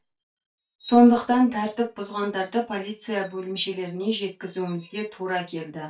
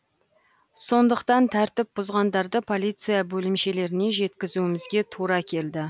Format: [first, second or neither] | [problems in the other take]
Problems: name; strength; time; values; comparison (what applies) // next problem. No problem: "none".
second | noise reduction (neural mask model DeepFilterNet 3)